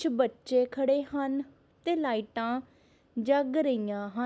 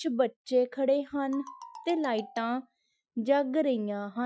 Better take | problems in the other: first | noise reduction (classical method Wiener filter)

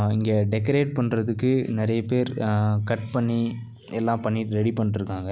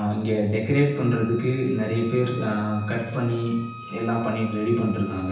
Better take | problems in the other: first | background sound (Wind instrument, woodwind instrument); 18 dB below the speech // room echo; dies away in 0.9 s

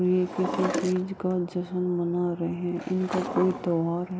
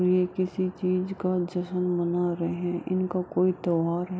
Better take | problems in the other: second | background sound (Drawer open or close); 9 dB below the speech

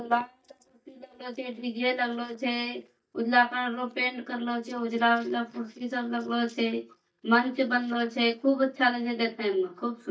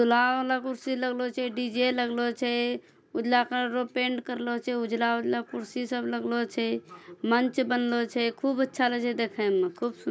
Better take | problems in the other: second | noise reduction (neural mask model DeepFilterNet 3)

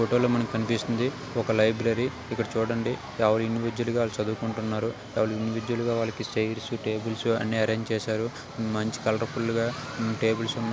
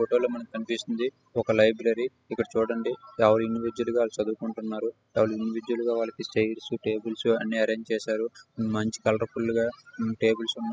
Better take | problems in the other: first | noise reduction (classical method spectral subtraction)

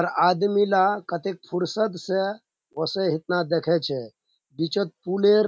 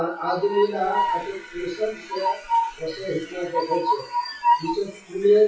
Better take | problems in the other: first | noise reduction (classical method WPE with log-MMSE)

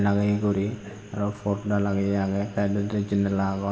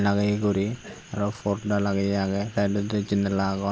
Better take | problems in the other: second | room echo; dies away in 2.5 s

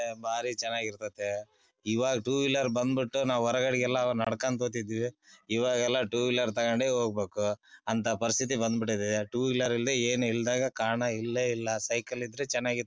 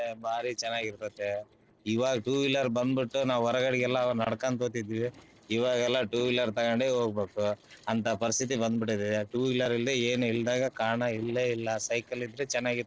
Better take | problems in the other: first | noise reduction (neural separator model SepFormer DNS4)

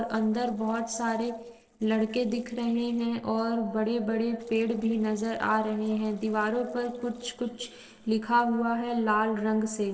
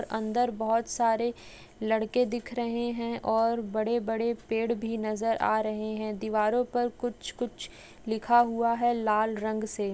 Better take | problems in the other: second | noise reduction (neural separator model SepFormer DNS4)

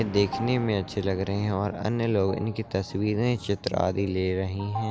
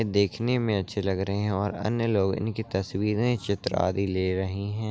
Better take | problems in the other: second | background sound (Organ + Thunder); 14 dB below the speech

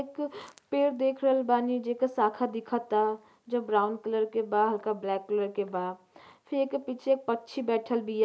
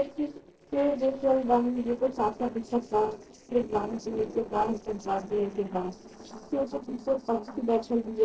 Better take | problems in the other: first | noise reduction (neural separator model SepFormer DNS4)

